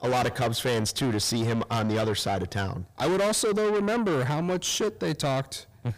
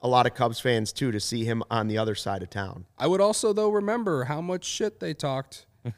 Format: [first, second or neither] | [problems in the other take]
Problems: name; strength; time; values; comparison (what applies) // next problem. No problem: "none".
second | distortion; heavy; 6 dB below the speech